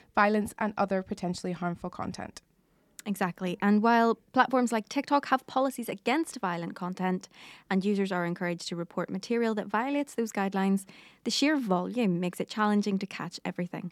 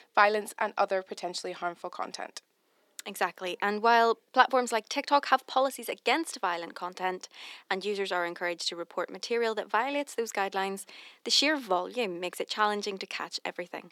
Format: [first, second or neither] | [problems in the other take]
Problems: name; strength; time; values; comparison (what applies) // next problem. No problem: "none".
first | thin; somewhat; fading below 400 Hz